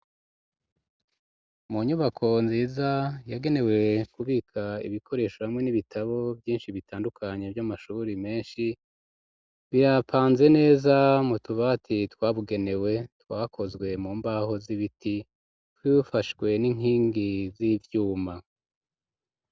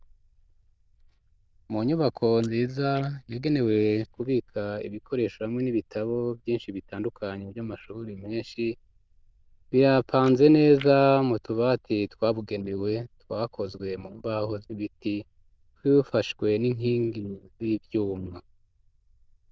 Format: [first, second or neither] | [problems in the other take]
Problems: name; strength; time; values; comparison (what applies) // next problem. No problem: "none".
first | noise reduction (neural diffusion model UNIVERSE++)